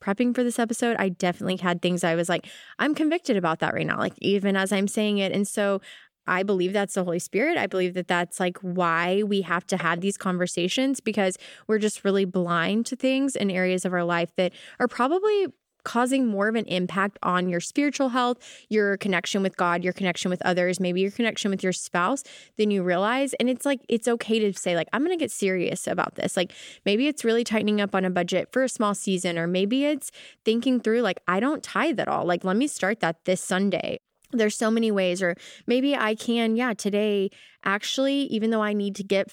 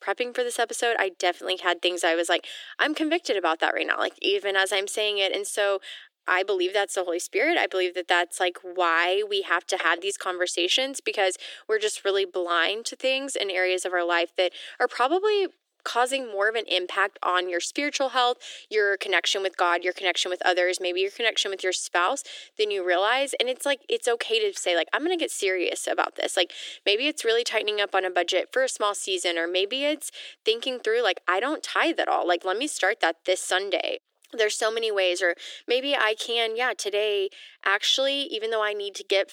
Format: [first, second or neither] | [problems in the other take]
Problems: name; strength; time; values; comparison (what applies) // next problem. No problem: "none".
first | thin; very; fading below 300 Hz